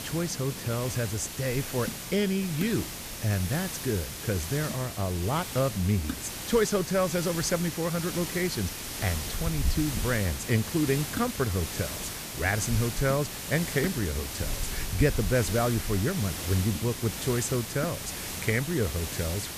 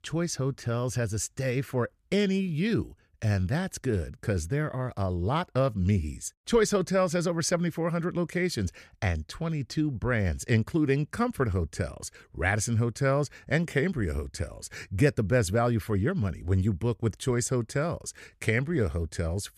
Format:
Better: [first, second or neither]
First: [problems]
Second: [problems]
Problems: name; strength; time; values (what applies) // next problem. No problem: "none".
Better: second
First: hiss; loud; throughout; 5 dB below the speech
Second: none